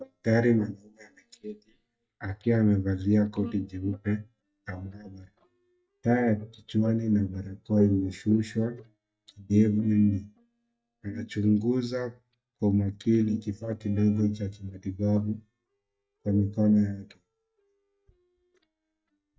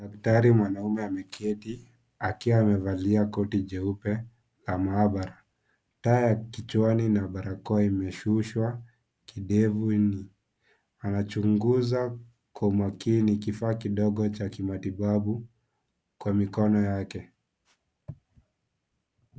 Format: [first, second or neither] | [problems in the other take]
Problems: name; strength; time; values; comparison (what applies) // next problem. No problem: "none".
second | noise reduction (neural mask model DeepFilterNet 3)